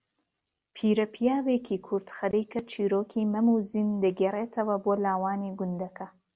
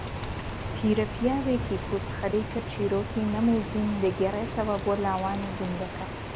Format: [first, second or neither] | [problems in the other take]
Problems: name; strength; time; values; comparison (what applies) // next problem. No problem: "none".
first | background sound (Rain); 5 dB below the speech